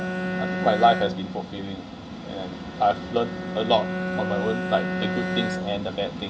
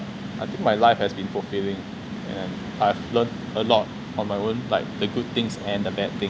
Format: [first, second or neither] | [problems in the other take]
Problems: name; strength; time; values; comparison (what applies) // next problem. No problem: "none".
second | background sound (Bowed string instrument); 4 dB below the speech // room echo; dies away in 0.2 s